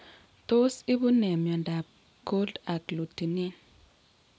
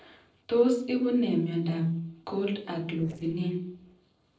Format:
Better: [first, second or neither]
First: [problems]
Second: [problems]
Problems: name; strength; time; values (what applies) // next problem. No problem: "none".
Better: first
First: none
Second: noise reduction (neural separator model SepFormer DNS4)